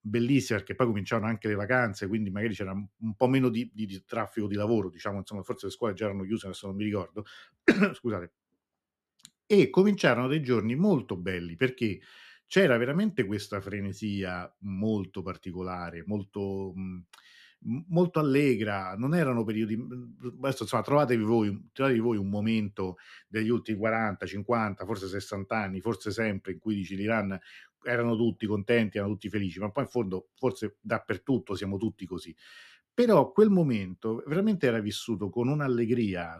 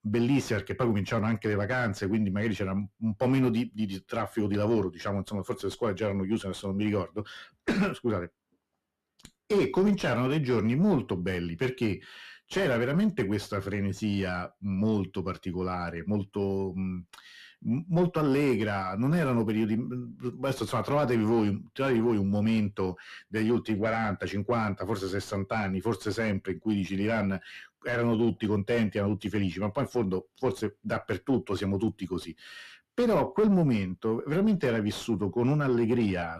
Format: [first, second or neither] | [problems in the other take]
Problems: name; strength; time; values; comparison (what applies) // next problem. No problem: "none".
first | distortion; heavy; 8 dB below the speech